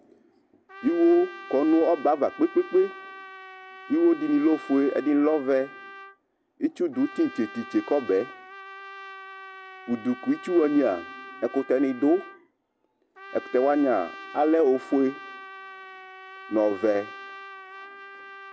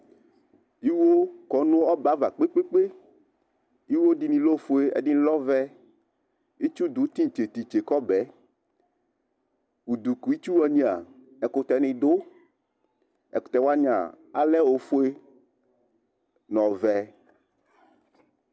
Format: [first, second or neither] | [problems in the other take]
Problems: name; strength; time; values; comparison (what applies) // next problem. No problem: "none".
second | background sound (Trumpet); 17 dB below the speech